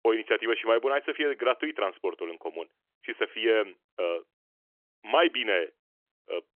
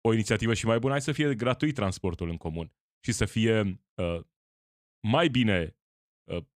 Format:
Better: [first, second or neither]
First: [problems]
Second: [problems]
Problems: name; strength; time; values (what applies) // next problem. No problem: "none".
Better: second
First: phone-call audio; nothing above 3 kHz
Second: none